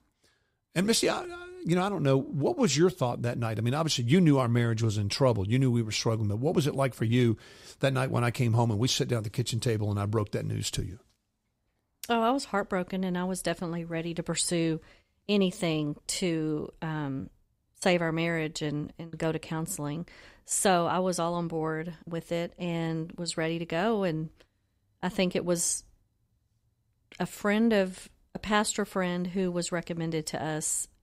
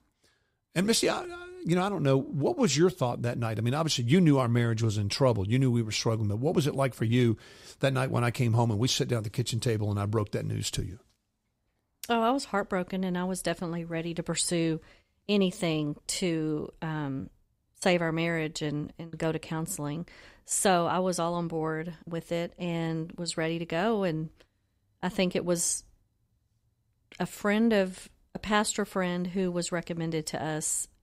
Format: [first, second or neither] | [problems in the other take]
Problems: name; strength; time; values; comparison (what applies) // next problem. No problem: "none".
neither | none